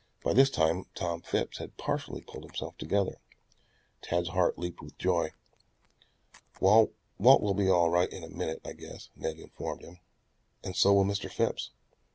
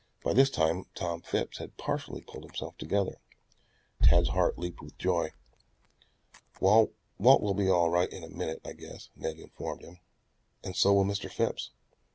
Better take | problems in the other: first | background sound (Bass drum); 5 dB below the speech

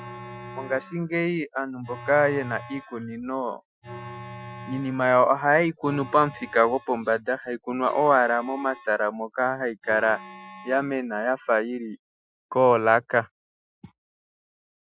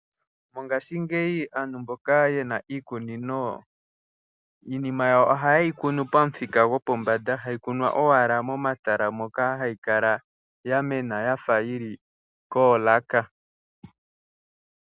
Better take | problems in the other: second | noise reduction (classical method Wiener filter)

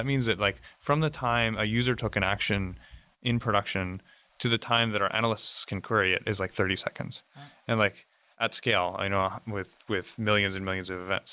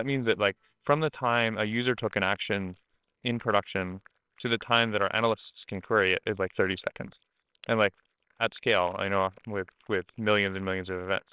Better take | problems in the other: first | noise reduction (neural separator model SepFormer WHAMR!)

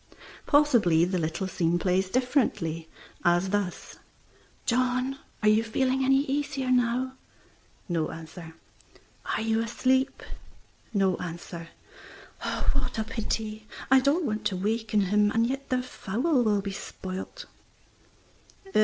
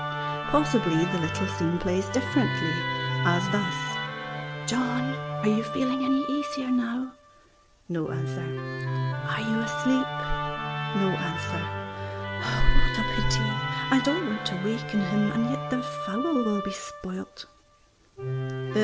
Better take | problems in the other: first | background sound (Musical instrument); 3 dB below the speech

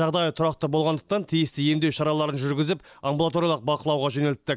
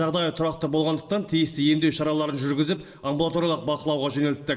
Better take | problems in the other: first | room echo; dies away in 1.3 s

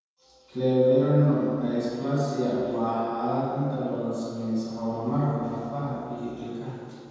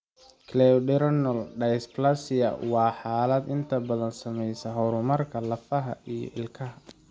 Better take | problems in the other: second | room echo; dies away in 2 s

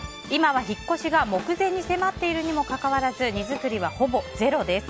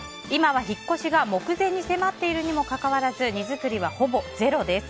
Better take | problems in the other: second | background sound (Drum kit); 18 dB below the speech

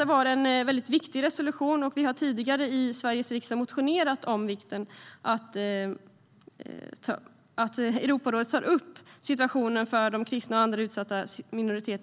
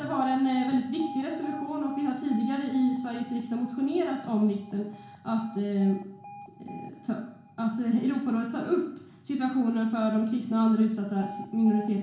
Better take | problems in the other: first | background sound (Alarm); 17 dB below the speech // room echo; dies away in 0.6 s

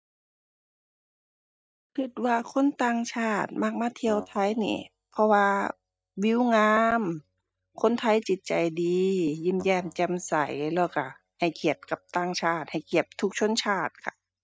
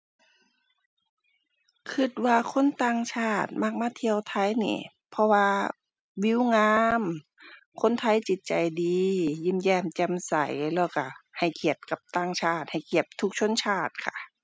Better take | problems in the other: second | noise reduction (neural mask model DeepFilterNet 3)

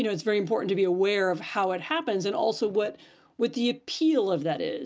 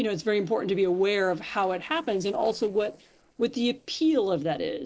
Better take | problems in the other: first | noise reduction (neural separator model SepFormer DNS4)

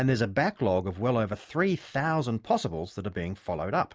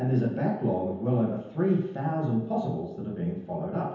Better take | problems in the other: first | room echo; dies away in 1 s

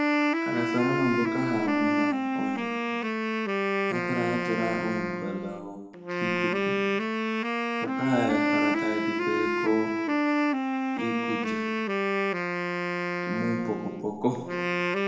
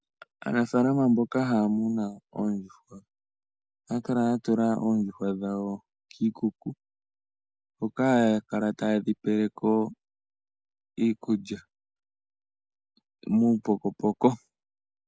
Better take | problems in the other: second | background sound (Wind instrument, woodwind instrument); 5 dB above the speech // room echo; dies away in 0.9 s

